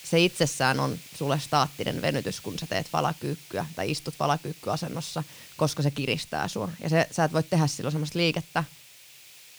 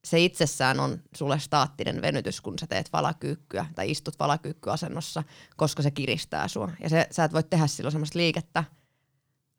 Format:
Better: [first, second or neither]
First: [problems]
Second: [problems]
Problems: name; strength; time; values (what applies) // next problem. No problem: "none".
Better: second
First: hiss; noticeable; throughout; 20 dB below the speech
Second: none